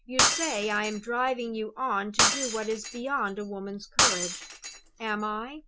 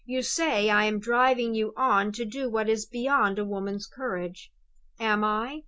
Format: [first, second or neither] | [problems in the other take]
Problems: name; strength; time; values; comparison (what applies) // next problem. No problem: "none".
second | background sound (Shatter); 2 dB above the speech